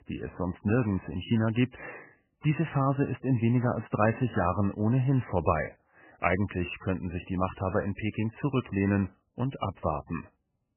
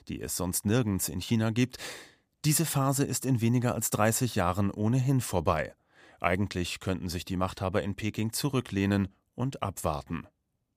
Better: second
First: garbled, watery; badly; nothing above 3 kHz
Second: none

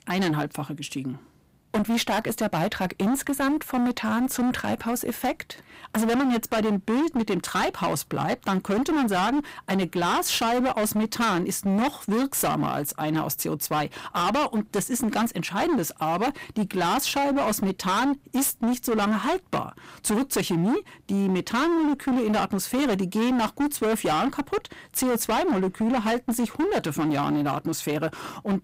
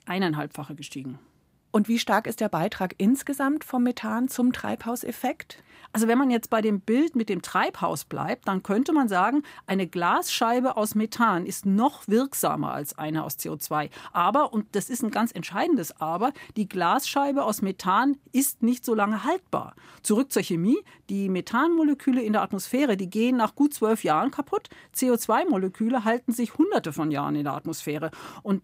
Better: second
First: distortion; heavy; 25% of the sound clipped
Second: none

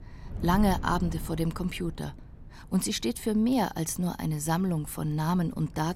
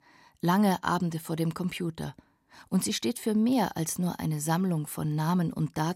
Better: second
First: wind noise on the microphone; occasional gusts; 20 dB below the speech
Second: none

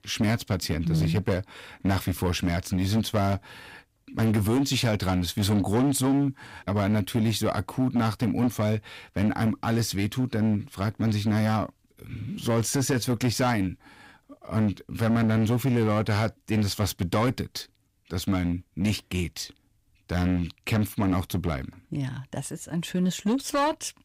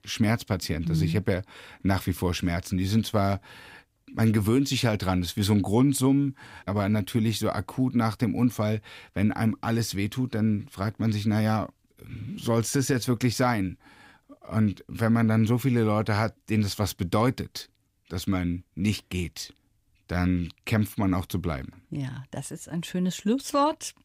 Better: second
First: distortion; slight; 10% of the sound clipped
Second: none

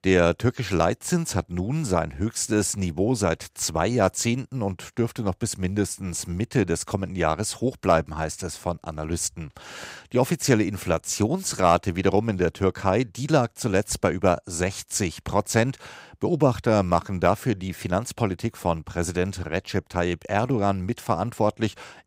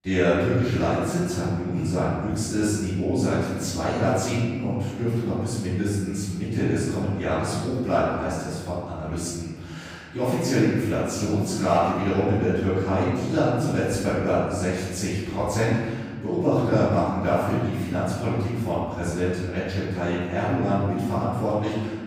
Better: first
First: none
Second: off-mic speech; far // room echo; strong; dies away in 1.6 s

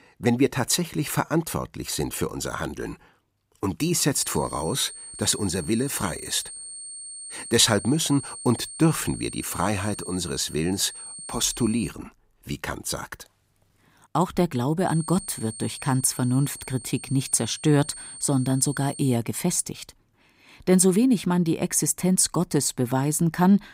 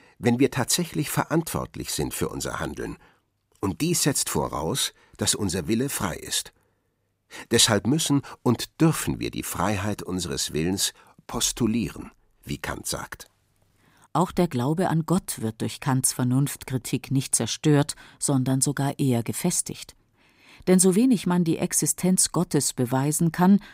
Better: second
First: high-pitched whine; noticeable; from 4 to 12 s and from 15 to 19 s; 8.5 kHz, 15 dB below the speech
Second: none

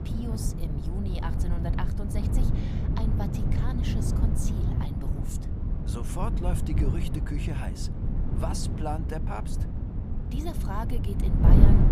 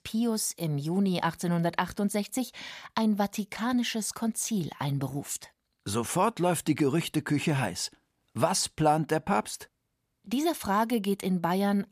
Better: second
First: wind noise on the microphone; heavy; 1 dB below the speech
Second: none

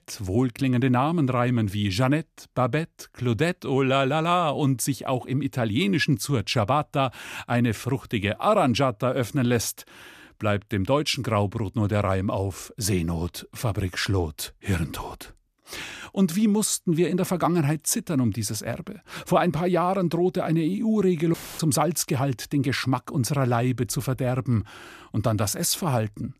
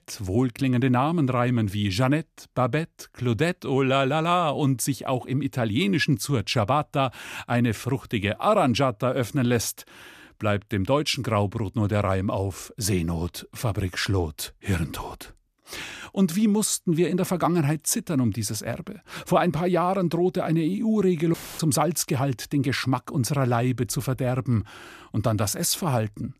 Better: neither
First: audio cutting out; filled with static; at 21 s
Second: audio cutting out; filled with static; at 21 s

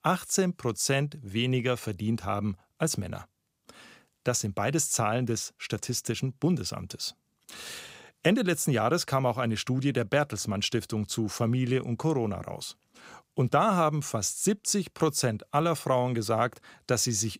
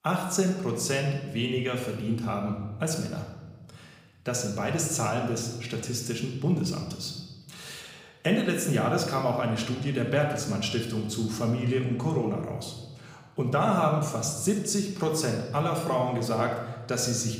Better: first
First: none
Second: room echo; noticeable; dies away in 1 s // off-mic speech; somewhat distant

